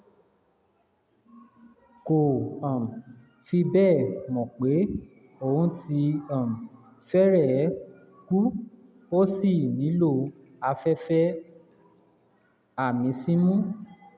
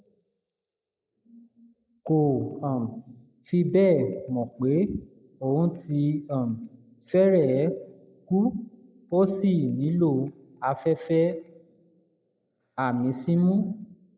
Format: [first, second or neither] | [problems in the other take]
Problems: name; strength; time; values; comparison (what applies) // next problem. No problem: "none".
first | noise reduction (neural mask model Resemble Enhance denoiser)